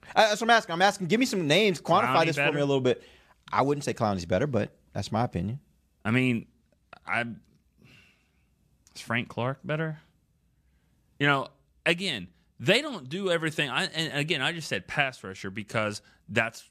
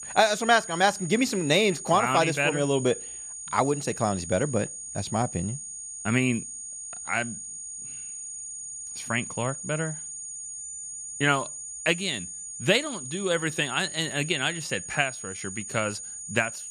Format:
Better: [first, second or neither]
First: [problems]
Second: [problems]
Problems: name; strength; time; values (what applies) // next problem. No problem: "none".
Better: first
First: none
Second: high-pitched whine; loud; throughout; 6.5 kHz, 9 dB below the speech